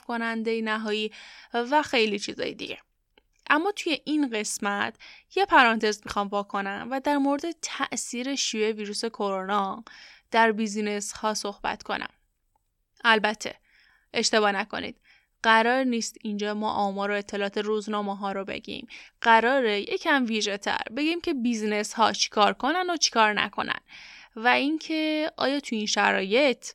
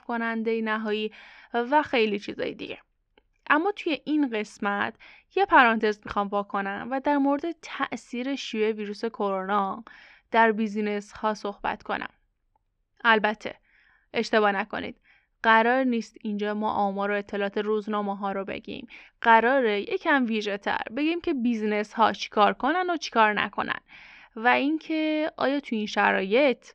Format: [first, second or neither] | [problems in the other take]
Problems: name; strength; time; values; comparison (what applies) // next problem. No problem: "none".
first | muffled; slightly; fading above 2.5 kHz